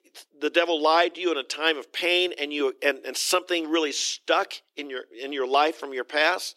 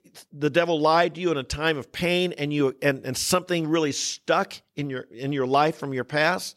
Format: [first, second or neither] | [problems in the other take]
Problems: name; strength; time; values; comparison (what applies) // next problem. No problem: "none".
second | thin; somewhat; fading below 350 Hz